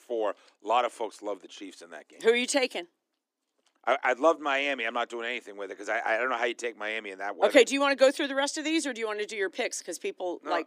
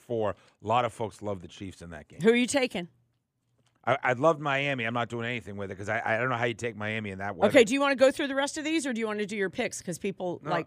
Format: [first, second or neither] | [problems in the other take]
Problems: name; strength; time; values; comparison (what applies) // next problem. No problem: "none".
second | thin; very slightly; fading below 300 Hz